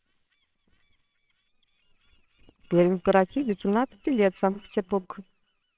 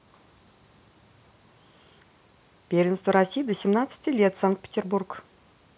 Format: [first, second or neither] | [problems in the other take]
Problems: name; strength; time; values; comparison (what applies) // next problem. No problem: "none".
second | noise reduction (neural separator model SepFormer WHAMR!)